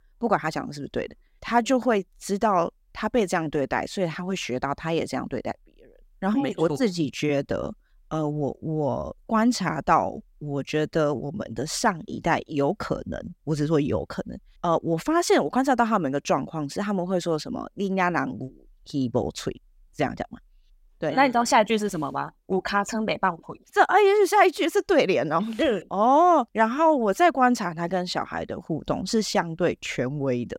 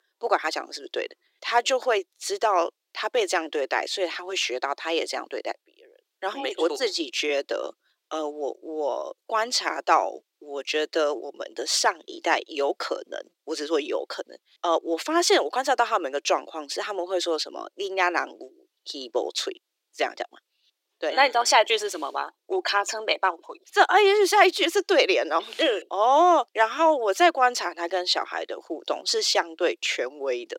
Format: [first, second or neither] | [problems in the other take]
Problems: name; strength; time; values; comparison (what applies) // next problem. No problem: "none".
first | thin; very; fading below 350 Hz